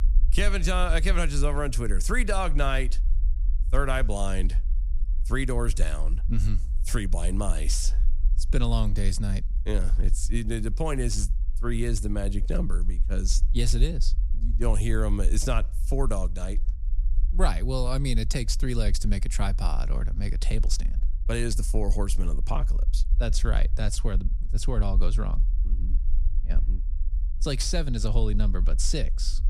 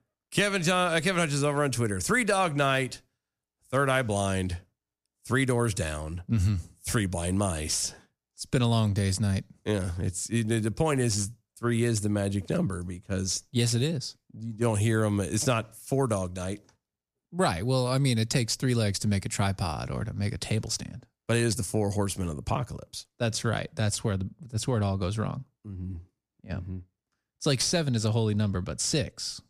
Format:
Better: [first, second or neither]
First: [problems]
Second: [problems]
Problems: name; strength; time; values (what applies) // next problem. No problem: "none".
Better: second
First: low rumble; faint; throughout; 20 dB below the speech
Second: none